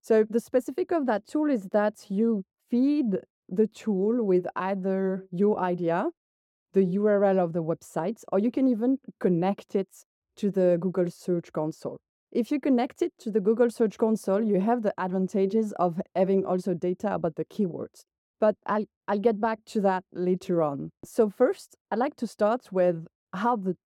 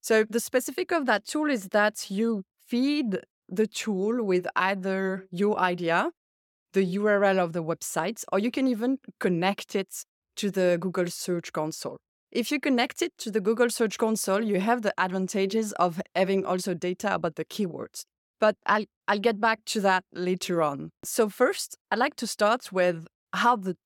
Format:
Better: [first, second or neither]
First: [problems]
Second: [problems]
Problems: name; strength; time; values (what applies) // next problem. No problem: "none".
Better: second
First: muffled; slightly; fading above 1 kHz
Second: none